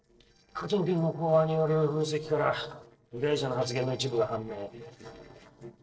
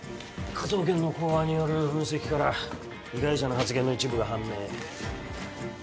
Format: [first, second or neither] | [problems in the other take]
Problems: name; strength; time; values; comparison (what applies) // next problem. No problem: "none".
second | noise reduction (neural separator model SepFormer DNS4)